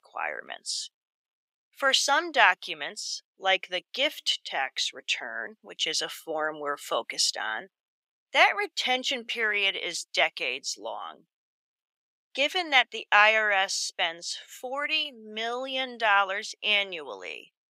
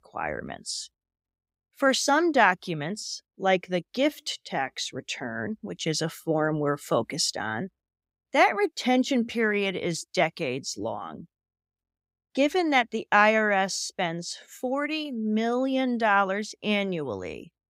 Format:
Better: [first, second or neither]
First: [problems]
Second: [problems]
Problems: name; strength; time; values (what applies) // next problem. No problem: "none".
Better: second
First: thin; very; fading below 650 Hz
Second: none